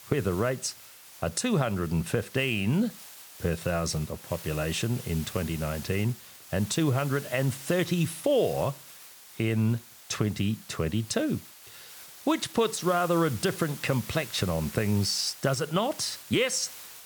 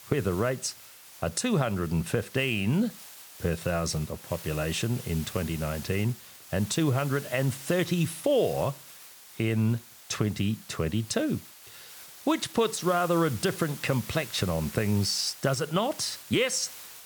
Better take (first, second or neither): neither